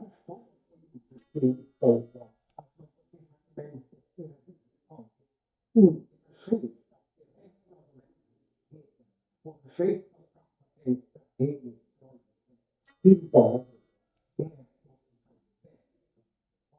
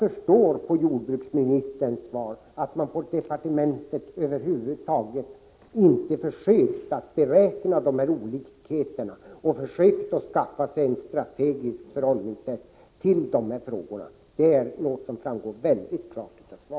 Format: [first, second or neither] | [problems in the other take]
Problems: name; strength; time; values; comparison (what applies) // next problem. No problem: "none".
second | noise reduction (neural mask model DeepFilterNet 3)